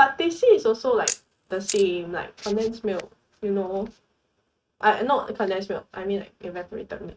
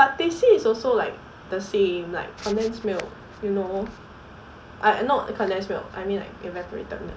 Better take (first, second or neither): second